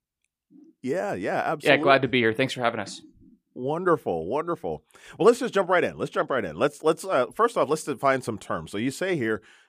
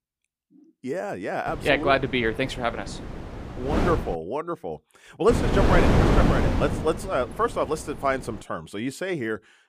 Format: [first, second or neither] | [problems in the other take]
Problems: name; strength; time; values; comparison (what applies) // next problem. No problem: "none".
first | wind noise on the microphone; heavy; from 1.5 to 4 s and from 5.5 to 8.5 s; 1 dB below the speech